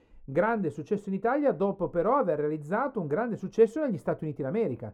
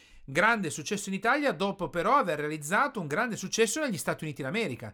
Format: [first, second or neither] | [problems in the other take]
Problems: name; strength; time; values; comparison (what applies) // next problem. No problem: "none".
second | muffled; very; fading above 1.5 kHz